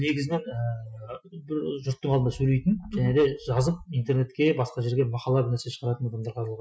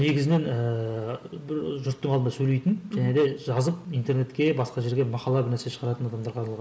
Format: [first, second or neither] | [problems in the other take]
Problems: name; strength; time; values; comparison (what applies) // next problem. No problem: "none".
second | noise reduction (classical method Wiener filter)